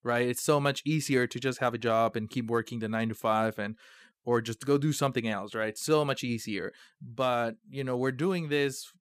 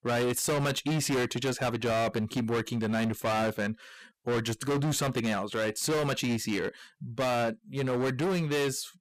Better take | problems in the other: first | distortion; heavy; 25% of the sound clipped

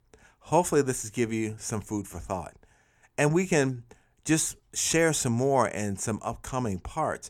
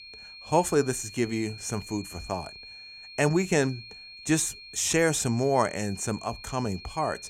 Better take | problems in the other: first | high-pitched whine; noticeable; throughout; 4.5 kHz, 15 dB below the speech

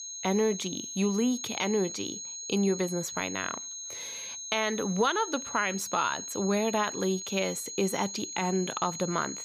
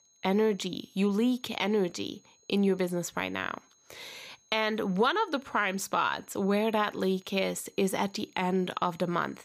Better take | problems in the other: second | high-pitched whine; loud; throughout; 6.5 kHz, 7 dB below the speech; faint in the second

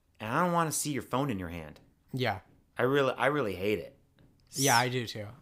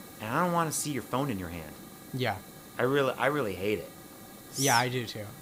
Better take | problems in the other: first | hiss; noticeable; throughout; 15 dB below the speech

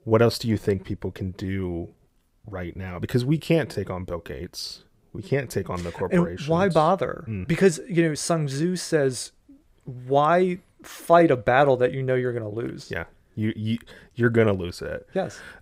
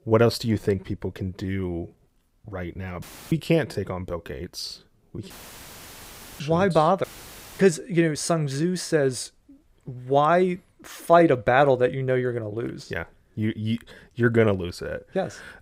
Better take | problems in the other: first | audio cutting out; filled with static; at 3 s, at 5.5 s for 1 s and at 7 s for 0.5 s

